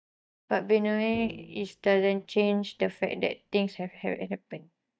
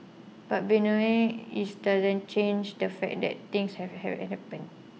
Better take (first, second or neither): second